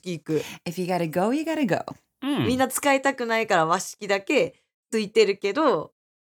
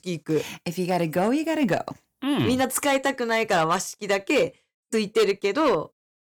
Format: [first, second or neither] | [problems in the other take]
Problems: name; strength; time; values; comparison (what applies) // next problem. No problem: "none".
first | distortion; slight; 4% of the sound clipped